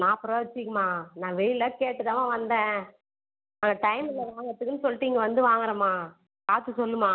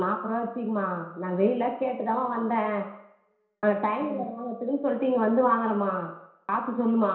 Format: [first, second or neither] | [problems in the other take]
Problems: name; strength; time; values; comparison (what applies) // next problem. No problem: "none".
first | room echo; dies away in 0.7 s